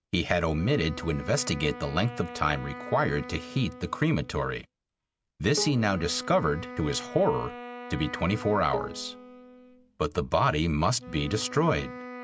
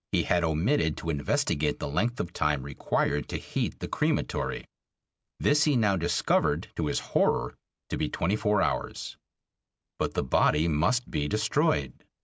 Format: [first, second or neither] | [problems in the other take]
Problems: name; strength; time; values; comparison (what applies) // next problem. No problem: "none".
second | background sound (Bowed string instrument + Wind instrument, woodwind instrument); 13 dB below the speech